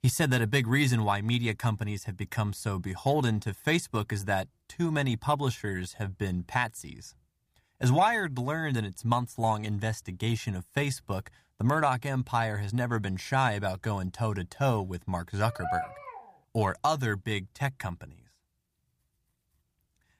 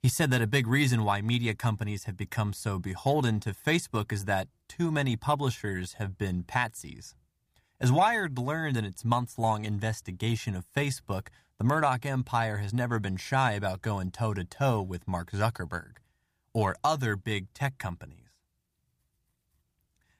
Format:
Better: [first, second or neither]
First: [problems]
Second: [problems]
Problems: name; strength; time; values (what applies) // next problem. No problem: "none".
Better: second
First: dog barking; noticeable; at 15 s; peak 4 dB below the speech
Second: none